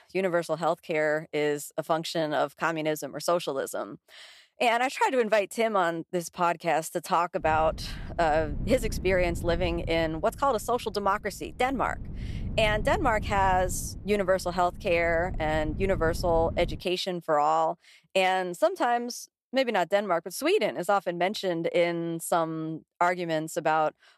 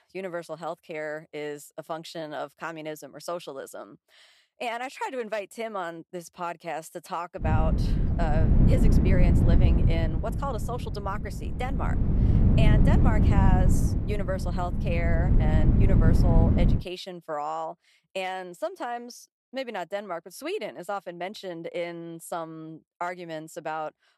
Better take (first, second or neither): first